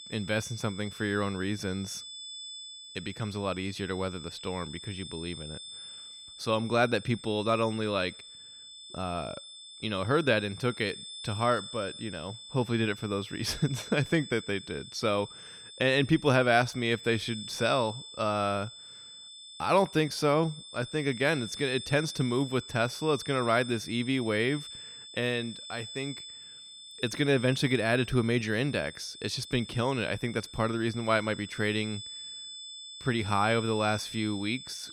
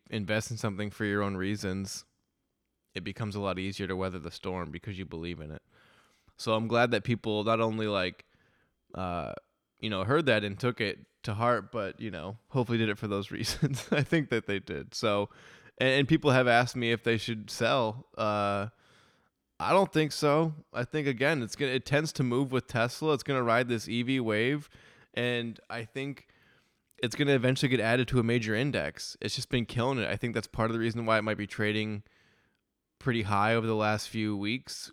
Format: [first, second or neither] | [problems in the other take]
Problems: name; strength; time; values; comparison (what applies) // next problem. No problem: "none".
second | high-pitched whine; noticeable; throughout; 3.5 kHz, 15 dB below the speech